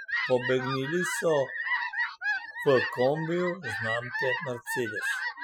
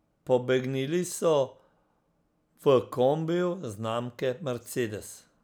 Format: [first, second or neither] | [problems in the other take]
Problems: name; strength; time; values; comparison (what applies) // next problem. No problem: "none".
second | noise reduction (classical method Wiener filter)